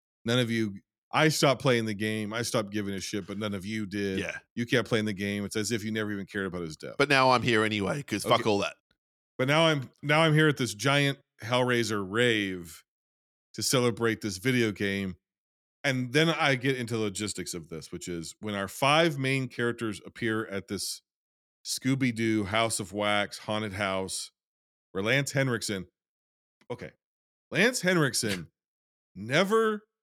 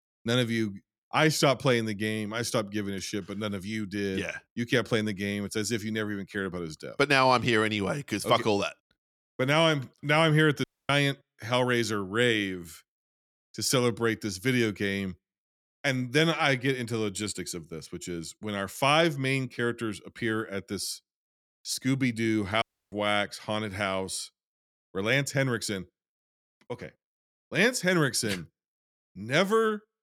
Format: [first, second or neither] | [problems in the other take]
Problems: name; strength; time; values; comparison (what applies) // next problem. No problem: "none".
first | audio cutting out; at 11 s and at 23 s